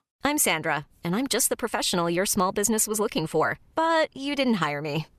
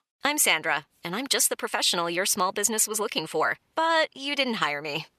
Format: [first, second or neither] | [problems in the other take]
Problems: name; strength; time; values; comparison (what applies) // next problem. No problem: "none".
first | thin; very slightly; fading below 500 Hz